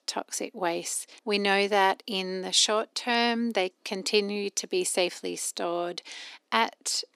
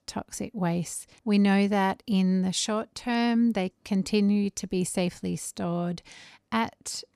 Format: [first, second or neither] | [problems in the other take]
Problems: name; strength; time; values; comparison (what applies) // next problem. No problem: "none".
second | thin; somewhat; fading below 300 Hz